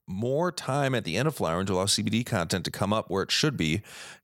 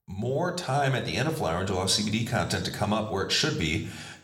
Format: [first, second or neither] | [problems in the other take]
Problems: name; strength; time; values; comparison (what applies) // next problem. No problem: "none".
first | room echo; very slight; dies away in 0.7 s